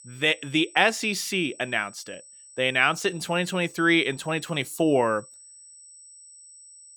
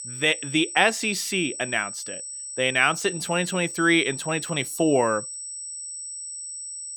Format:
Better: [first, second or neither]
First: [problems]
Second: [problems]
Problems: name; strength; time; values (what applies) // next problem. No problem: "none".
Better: first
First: high-pitched whine; faint; throughout; 8 kHz, 20 dB below the speech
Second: high-pitched whine; loud; throughout; 8 kHz, 9 dB below the speech